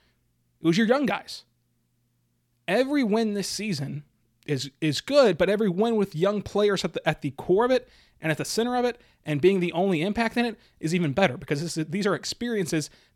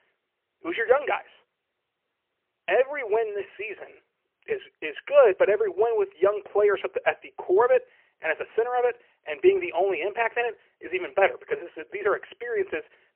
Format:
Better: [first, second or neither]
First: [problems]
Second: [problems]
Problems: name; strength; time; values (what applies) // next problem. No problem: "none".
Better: first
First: none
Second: phone-call audio; poor line; nothing above 3 kHz